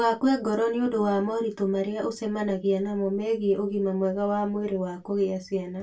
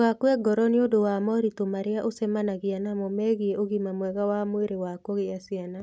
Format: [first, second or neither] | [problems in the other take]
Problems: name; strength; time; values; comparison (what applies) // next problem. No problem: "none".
second | room echo; dies away in 0.2 s